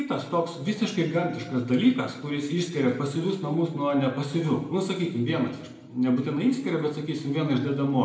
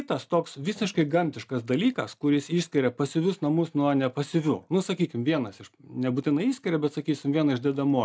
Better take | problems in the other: second | room echo; dies away in 0.9 s

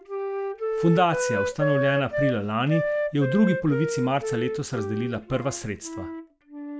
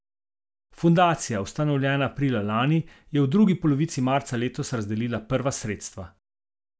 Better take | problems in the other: second | background sound (Wind instrument, woodwind instrument); 3 dB below the speech

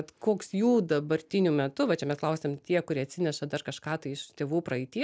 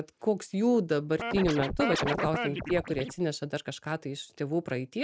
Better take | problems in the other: first | noise reduction (neural mask model RNNoise)

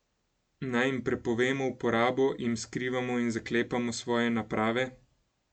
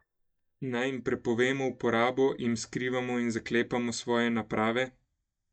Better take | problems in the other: first | noise reduction (neural mask model DeepFilterNet 3)

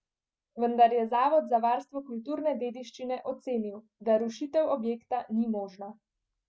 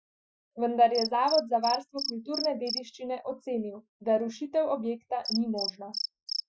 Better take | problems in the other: first | noise reduction (classical method Wiener filter)

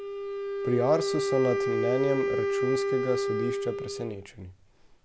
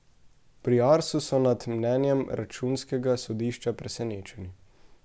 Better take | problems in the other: second | background sound (Wind instrument, woodwind instrument); 1 dB above the speech

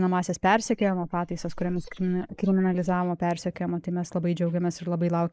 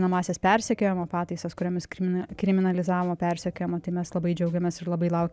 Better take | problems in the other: second | noise reduction (neural mask model Resemble Enhance denoiser)

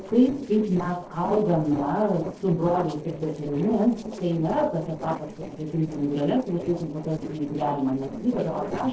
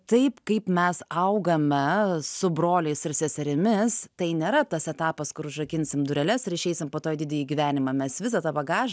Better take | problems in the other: second | noise reduction (neural separator model SepFormer DNS4)

